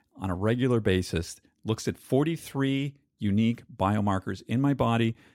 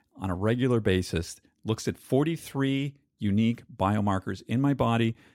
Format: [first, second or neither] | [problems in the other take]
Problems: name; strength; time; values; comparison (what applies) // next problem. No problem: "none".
neither | none